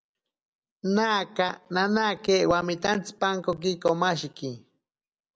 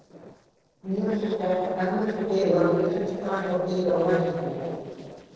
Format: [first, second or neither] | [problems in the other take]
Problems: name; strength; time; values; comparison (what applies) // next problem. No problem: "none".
first | noise reduction (neural separator model SepFormer DNS4)